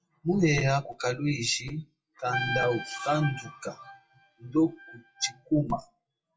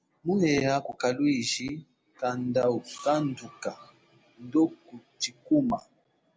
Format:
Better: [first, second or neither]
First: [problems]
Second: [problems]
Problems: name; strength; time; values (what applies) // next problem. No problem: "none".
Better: second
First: noise reduction (classical method WPE with log-MMSE)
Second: none